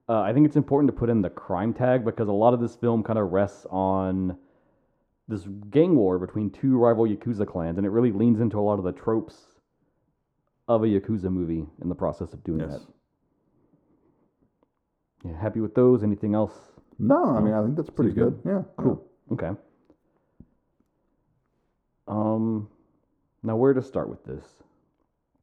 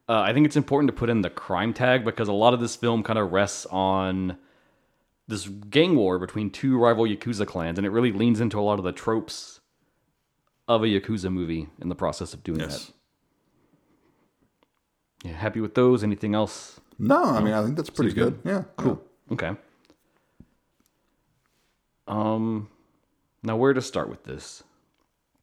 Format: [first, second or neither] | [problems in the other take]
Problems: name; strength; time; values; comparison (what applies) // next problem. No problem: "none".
second | muffled; very; fading above 1.5 kHz